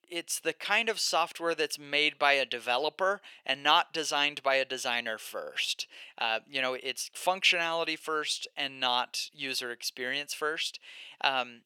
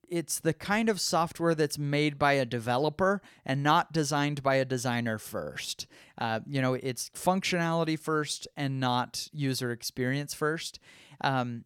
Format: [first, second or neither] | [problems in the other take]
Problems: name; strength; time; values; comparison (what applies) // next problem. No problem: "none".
second | thin; very; fading below 550 Hz